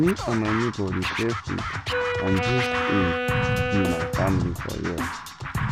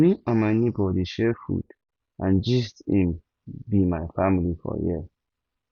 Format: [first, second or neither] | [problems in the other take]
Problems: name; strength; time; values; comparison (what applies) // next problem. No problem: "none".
second | background sound (Wind instrument, woodwind instrument + Scratching (performance technique)); as loud as the speech